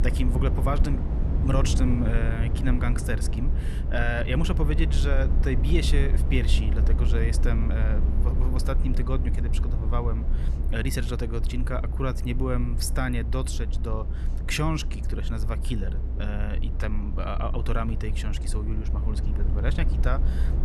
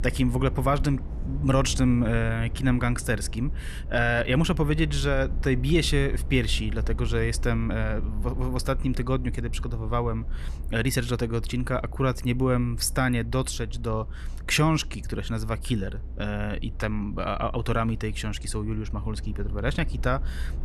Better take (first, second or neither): second